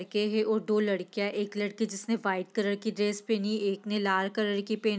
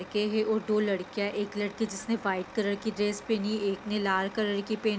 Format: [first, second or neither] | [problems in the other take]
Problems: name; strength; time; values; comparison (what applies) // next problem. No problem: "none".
first | background sound (Truck); 17 dB below the speech